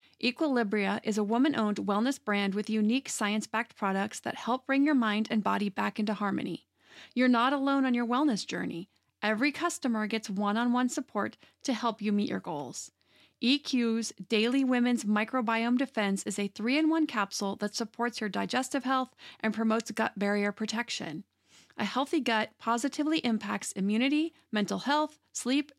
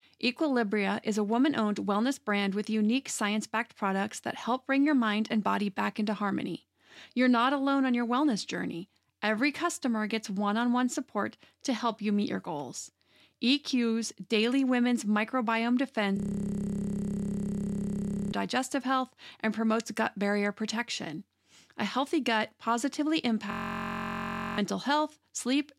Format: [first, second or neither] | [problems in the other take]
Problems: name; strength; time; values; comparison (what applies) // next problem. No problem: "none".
first | audio freezing; at 16 s for 2 s and at 24 s for 1 s